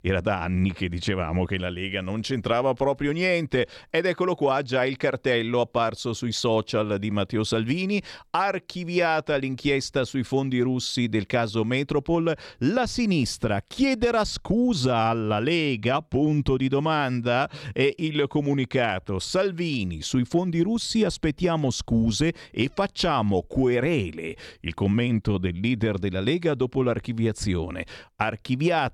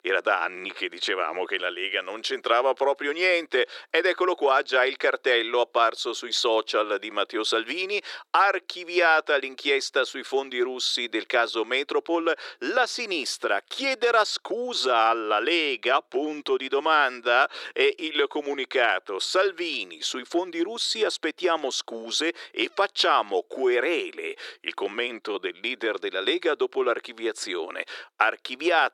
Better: first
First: none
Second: thin; very; fading below 350 Hz

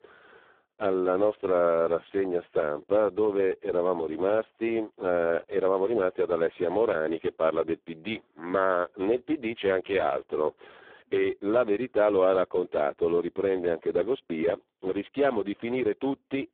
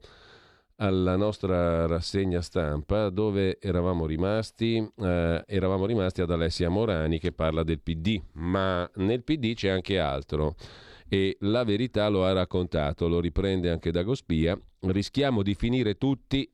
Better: second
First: phone-call audio; poor line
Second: none

